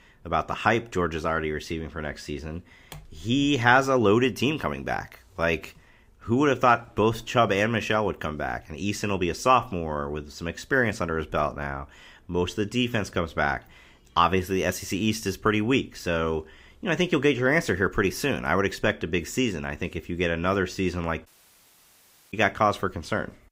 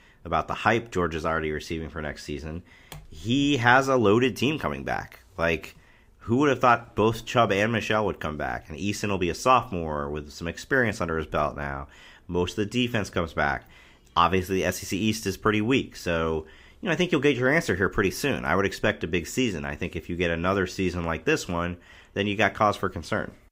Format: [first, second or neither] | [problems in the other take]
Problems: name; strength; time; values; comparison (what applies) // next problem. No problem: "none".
second | audio cutting out; at 21 s for 1 s